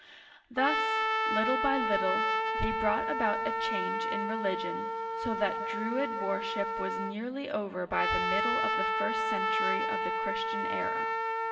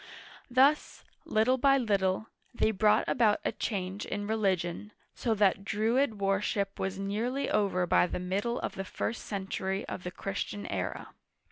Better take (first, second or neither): second